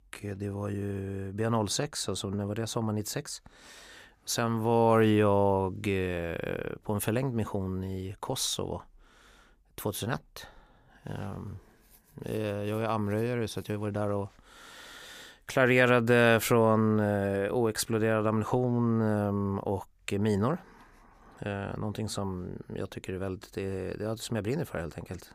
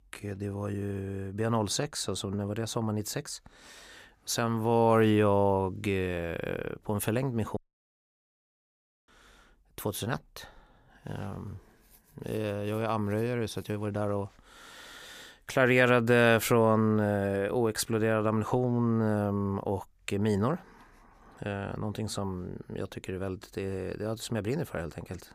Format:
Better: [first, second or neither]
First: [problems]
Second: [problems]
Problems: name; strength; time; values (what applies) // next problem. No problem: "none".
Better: first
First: none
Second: audio cutting out; at 7.5 s for 1.5 s